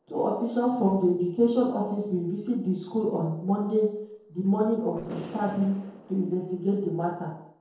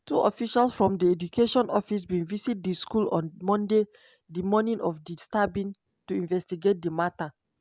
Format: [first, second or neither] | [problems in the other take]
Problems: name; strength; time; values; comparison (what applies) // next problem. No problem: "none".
second | noise reduction (neural separator model SepFormer DNS4)